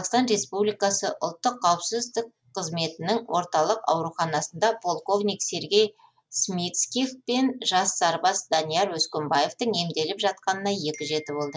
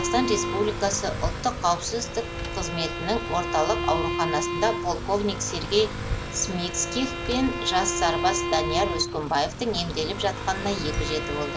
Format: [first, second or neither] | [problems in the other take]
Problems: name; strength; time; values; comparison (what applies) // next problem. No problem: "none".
first | background sound (Bowed string instrument + Motorcycle / Accelerating, revving, vroom); 3 dB below the speech